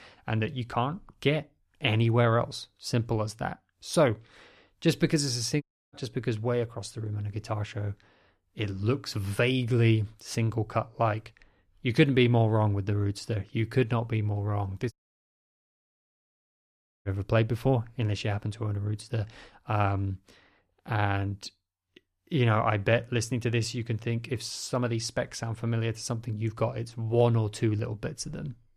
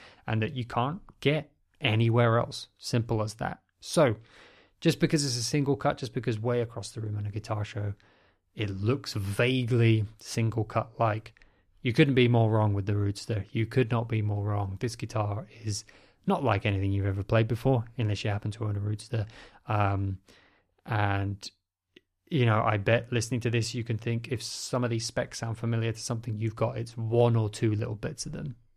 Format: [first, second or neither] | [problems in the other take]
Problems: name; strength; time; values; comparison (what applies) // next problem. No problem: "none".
second | audio cutting out; at 5.5 s and at 15 s for 2 s